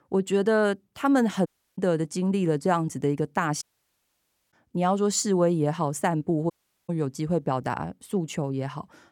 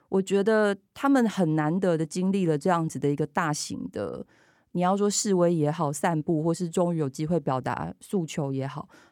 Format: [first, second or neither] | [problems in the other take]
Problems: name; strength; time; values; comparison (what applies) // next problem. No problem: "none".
second | audio cutting out; at 1.5 s, at 3.5 s for 1 s and at 6.5 s